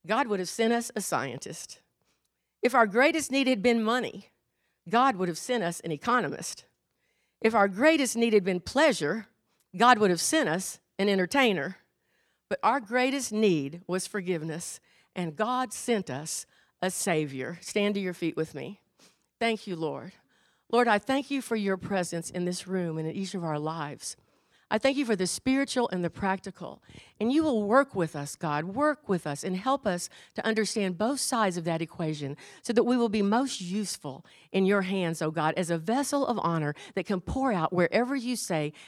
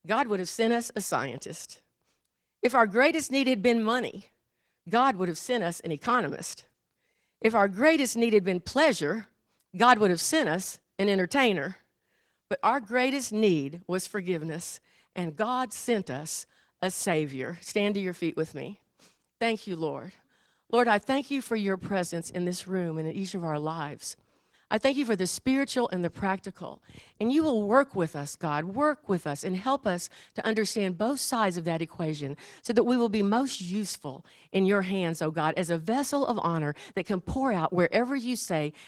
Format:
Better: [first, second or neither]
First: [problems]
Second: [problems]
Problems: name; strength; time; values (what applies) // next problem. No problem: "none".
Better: first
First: none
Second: garbled, watery; slightly